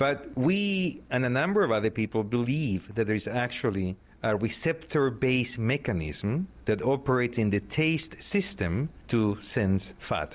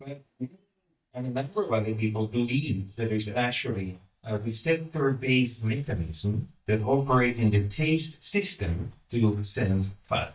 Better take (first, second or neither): first